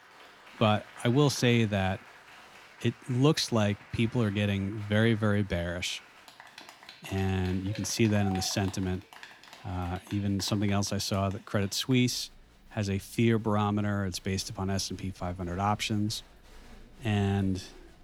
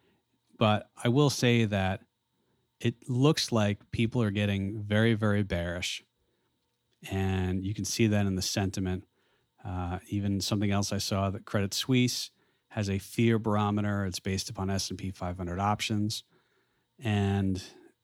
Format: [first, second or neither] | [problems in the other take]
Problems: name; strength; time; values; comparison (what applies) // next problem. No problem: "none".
second | crowd noise; faint; throughout; 20 dB below the speech